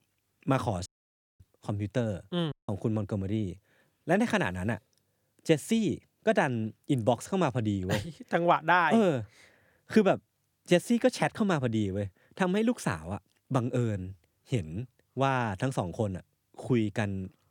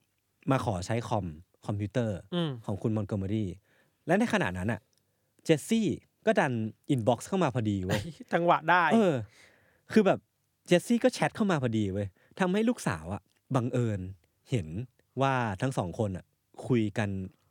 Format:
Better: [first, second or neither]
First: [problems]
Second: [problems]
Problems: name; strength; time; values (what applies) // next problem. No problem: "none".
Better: second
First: audio cutting out; at 1 s for 0.5 s and at 2.5 s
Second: none